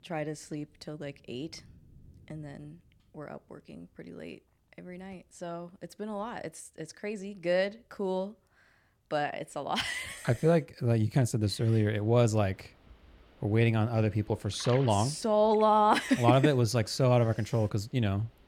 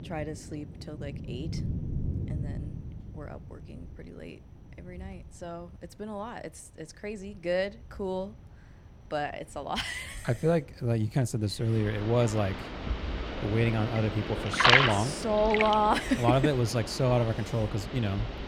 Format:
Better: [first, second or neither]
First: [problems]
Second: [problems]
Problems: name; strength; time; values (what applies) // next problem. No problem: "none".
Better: first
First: rain or running water; faint; throughout; 25 dB below the speech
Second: rain or running water; loud; throughout; 2 dB below the speech